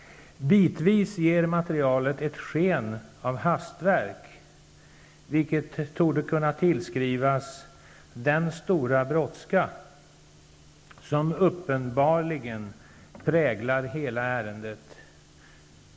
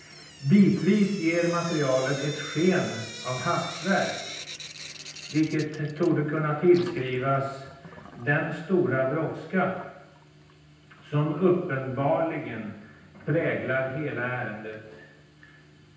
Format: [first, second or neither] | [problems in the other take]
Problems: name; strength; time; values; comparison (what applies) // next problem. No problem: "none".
first | background sound (Drip / Sink (filling or washing)); 17 dB below the speech // room echo; dies away in 0.9 s